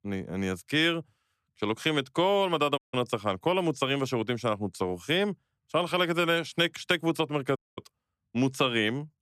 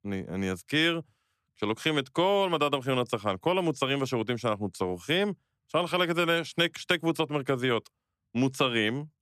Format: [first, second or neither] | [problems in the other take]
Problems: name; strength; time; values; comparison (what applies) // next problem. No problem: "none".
second | audio cutting out; at 3 s and at 7.5 s